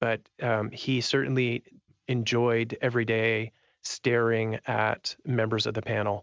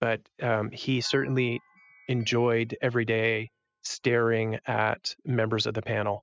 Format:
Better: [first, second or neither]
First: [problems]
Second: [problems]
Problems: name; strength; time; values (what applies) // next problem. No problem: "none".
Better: first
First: none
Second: noise reduction (classical method spectral subtraction)